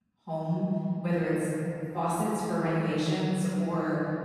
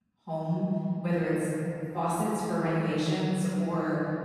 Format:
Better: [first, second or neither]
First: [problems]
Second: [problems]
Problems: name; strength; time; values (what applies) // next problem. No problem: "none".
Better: neither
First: off-mic speech; far // room echo; strong; dies away in 2.9 s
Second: off-mic speech; far // room echo; strong; dies away in 2.9 s